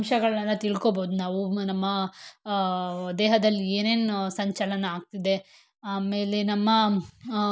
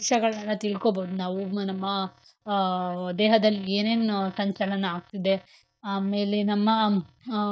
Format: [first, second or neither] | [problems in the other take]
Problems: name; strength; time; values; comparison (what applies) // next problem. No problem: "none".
first | noise reduction (neural mask model DeepFilterNet 3)